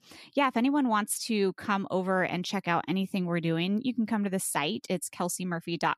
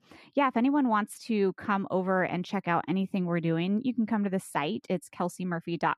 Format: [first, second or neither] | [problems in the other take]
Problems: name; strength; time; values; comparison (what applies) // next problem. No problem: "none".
first | muffled; slightly; fading above 3 kHz